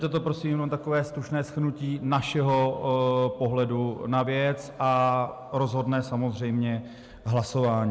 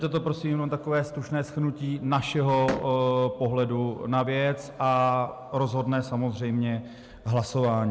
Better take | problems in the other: first | background sound (Slam); 11 dB below the speech

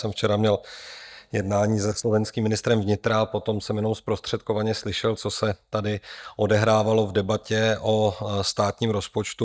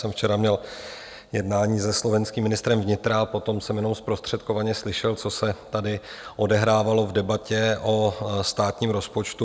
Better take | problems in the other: second | noise reduction (neural mask model DeepFilterNet 3)

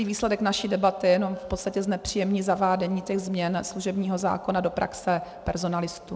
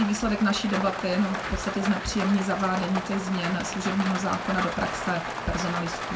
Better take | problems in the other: first | background sound (Rain); 6 dB below the speech // room echo; dies away in 0.2 s

